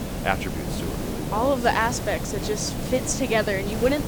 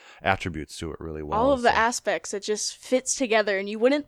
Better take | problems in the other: second | hiss; loud; throughout; 5 dB below the speech

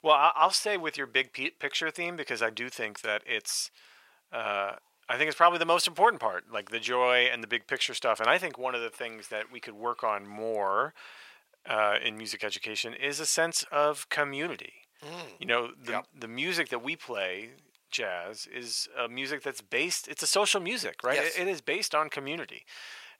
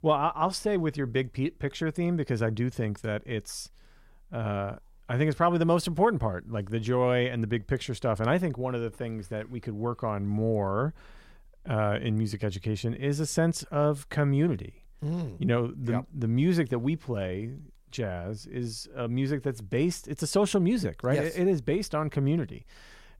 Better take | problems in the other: second | thin; very; fading below 750 Hz

